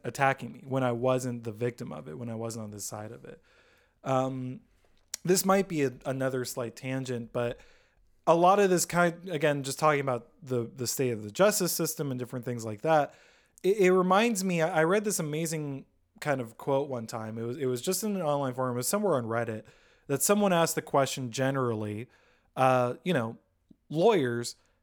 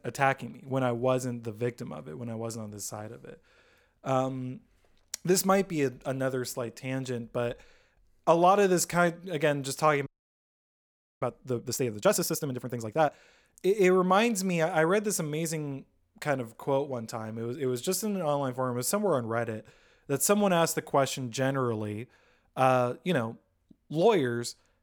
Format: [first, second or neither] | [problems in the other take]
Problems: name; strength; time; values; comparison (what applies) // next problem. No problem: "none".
first | audio freezing; at 10 s for 1 s